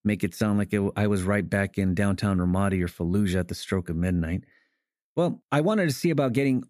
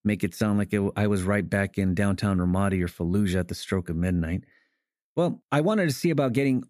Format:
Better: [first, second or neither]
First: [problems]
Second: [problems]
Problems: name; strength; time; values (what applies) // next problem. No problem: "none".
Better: neither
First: none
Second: none